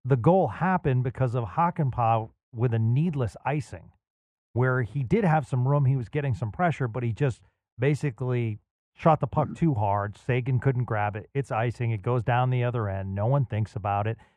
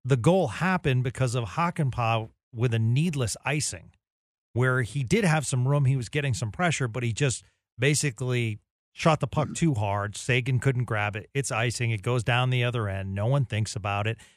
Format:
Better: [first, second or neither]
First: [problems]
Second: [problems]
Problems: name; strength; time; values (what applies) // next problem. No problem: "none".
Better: second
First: muffled; very; fading above 2.5 kHz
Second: none